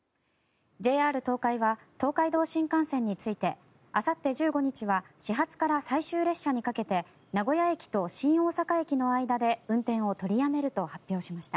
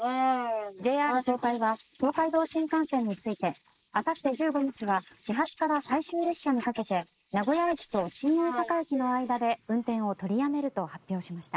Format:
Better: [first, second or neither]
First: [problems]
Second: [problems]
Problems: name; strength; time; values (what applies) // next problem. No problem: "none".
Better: first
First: none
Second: noise reduction (neural mask model Resemble Enhance denoiser)